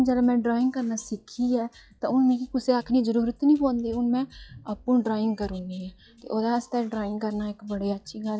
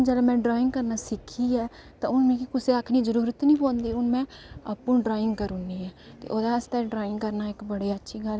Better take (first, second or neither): second